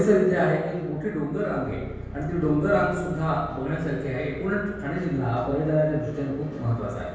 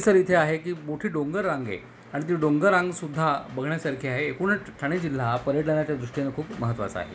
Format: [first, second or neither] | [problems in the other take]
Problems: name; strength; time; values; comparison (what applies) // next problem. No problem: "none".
second | background sound (Bass guitar); 17 dB below the speech // room echo; dies away in 1.2 s